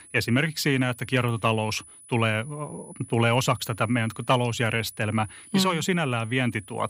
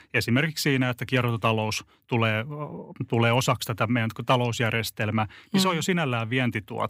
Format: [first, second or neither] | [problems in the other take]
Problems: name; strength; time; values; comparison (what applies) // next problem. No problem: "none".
second | high-pitched whine; faint; throughout; 10 kHz, 20 dB below the speech